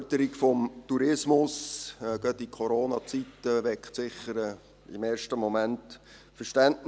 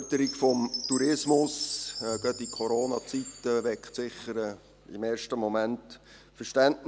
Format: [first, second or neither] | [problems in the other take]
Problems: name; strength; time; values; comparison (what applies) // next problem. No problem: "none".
first | background sound (Chime); 12 dB below the speech